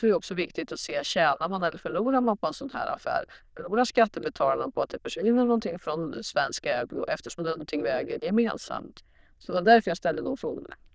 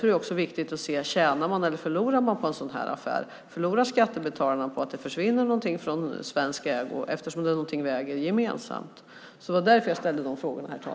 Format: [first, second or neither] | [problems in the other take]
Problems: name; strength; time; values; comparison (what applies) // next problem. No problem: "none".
second | noise reduction (neural diffusion model UNIVERSE++)